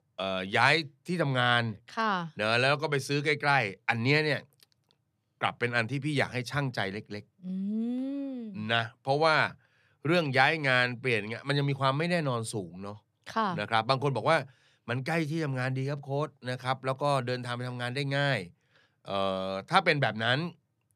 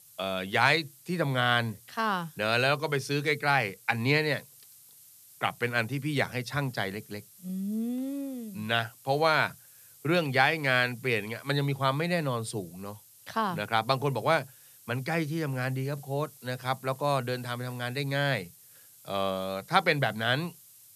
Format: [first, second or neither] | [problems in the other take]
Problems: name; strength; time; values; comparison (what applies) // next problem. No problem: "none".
first | hiss; faint; throughout; 25 dB below the speech